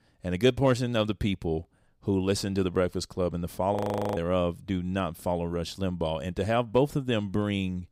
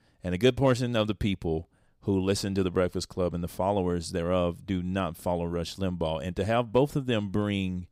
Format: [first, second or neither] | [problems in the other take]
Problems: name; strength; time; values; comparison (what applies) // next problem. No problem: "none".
second | audio freezing; at 4 s